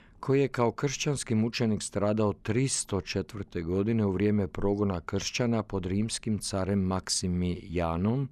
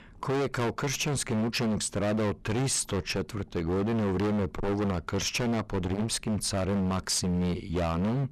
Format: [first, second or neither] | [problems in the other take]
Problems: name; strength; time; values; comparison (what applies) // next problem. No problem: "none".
first | distortion; heavy; 30% of the sound clipped